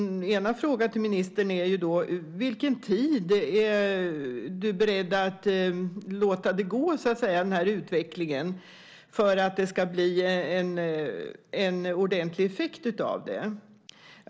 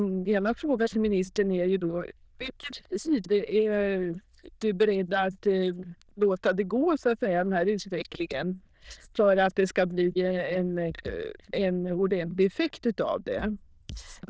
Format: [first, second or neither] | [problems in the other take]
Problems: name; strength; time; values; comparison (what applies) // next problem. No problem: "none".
first | noise reduction (neural diffusion model UNIVERSE++)